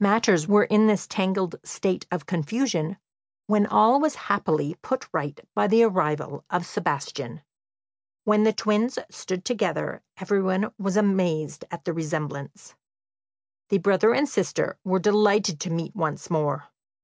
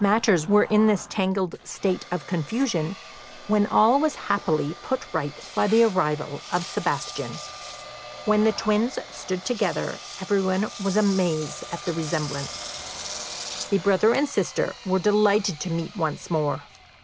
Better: first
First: none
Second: background sound (Engine); 15 dB below the speech

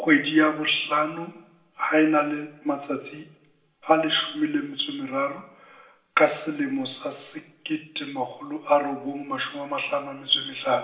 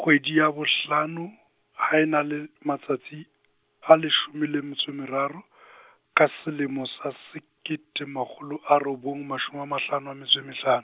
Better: second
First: room echo; dies away in 0.8 s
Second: none

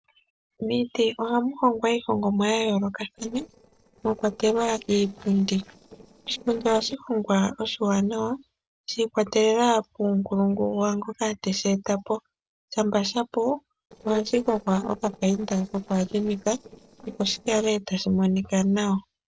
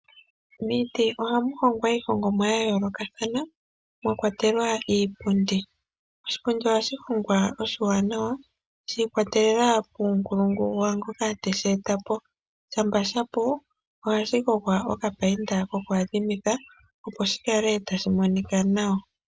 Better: second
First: noise reduction (neural separator model SepFormer DNS4)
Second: none

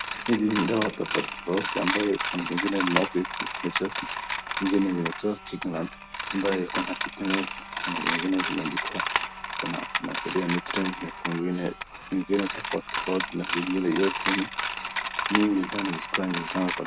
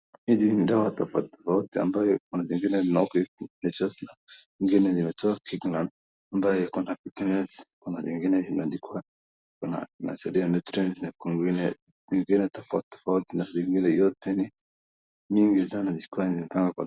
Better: second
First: background sound (Coin (dropping)); 3 dB below the speech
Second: none

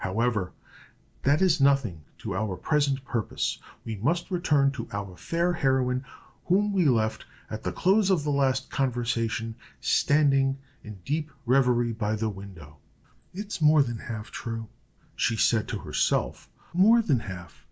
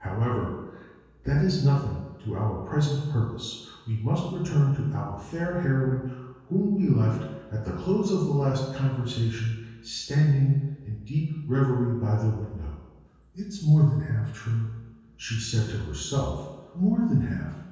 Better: first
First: none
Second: room echo; dies away in 1.2 s

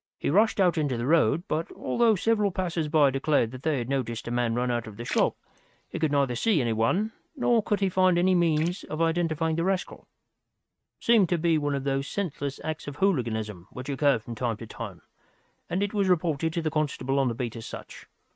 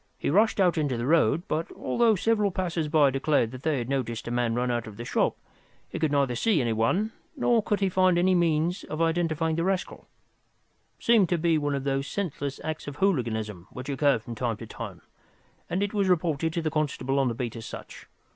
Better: second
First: noise reduction (neural mask model RNNoise)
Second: none

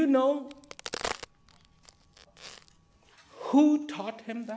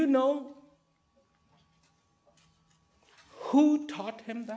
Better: second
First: background sound (Crack); 12 dB below the speech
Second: none

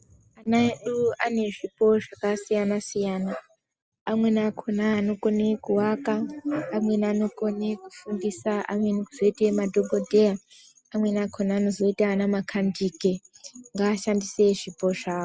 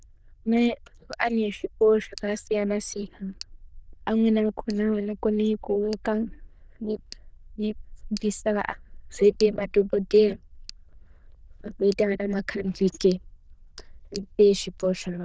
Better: first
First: none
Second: noise reduction (neural diffusion model UNIVERSE++)

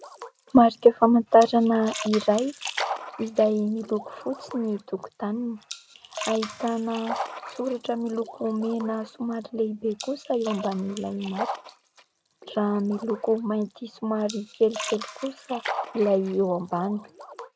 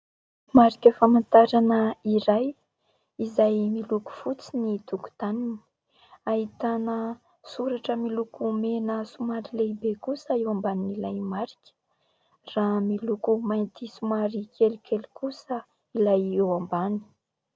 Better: second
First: noise reduction (neural mask model RNNoise)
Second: none

